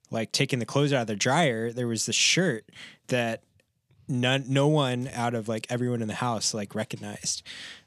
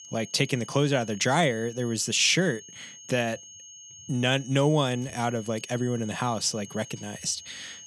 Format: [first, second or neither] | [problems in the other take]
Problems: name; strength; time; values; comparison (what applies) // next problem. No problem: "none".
first | high-pitched whine; noticeable; throughout; 6.5 kHz, 15 dB below the speech